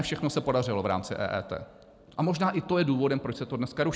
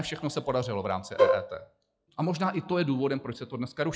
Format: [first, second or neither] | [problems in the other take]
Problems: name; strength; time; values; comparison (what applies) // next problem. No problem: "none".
first | noise reduction (classical method log-MMSE)